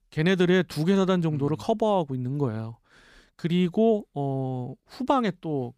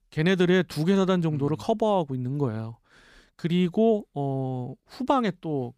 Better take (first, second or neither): neither